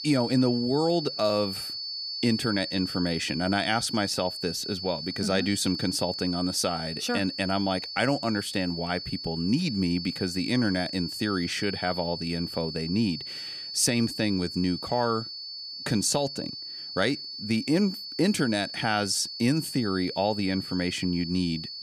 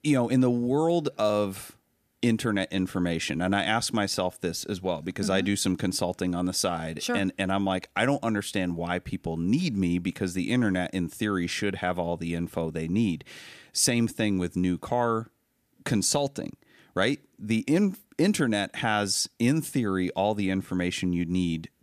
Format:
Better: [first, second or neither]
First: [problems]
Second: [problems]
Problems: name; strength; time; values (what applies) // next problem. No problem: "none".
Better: second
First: high-pitched whine; loud; throughout; 4.5 kHz, 7 dB below the speech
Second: none